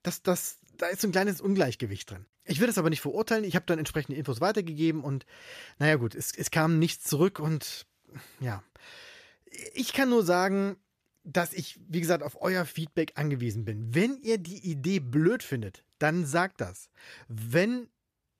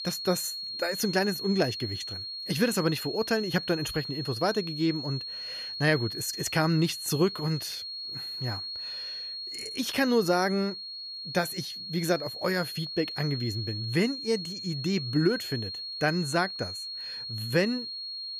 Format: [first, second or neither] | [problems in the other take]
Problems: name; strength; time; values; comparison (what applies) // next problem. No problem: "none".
first | high-pitched whine; loud; throughout; 4.5 kHz, 6 dB below the speech